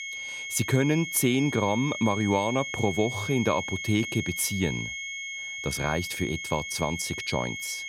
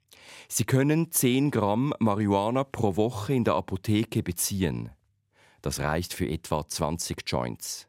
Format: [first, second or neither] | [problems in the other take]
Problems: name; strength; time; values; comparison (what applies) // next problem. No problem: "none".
second | high-pitched whine; loud; throughout; 2 kHz, 6 dB below the speech